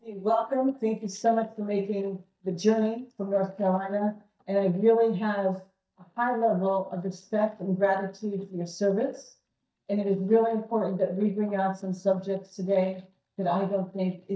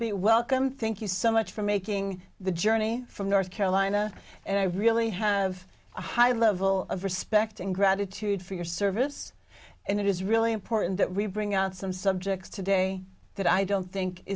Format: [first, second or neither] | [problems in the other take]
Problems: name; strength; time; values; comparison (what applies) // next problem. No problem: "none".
second | noise reduction (neural mask model DeepFilterNet 3)